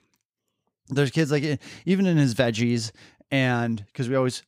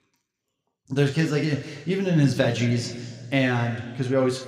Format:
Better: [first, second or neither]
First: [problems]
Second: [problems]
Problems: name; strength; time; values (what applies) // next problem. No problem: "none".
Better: first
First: none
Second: room echo; slight; dies away in 1.9 s